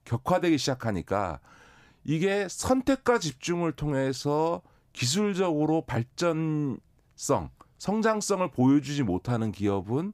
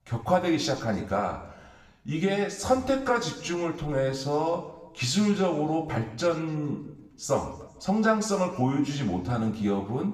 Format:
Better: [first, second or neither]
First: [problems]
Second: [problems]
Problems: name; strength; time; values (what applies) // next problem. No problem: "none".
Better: first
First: none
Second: room echo; slight; dies away in 0.8 s // off-mic speech; somewhat distant